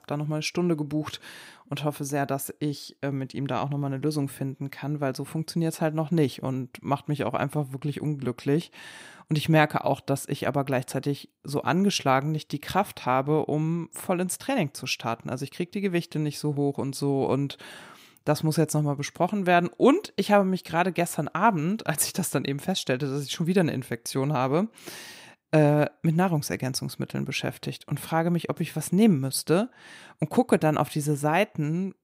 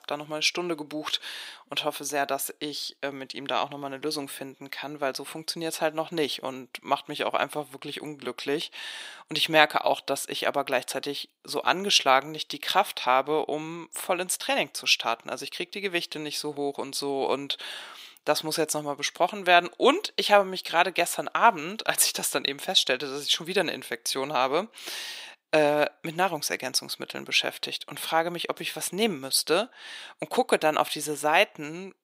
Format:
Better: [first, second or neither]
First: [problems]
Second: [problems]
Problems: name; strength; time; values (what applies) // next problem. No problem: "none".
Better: first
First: none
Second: thin; somewhat; fading below 500 Hz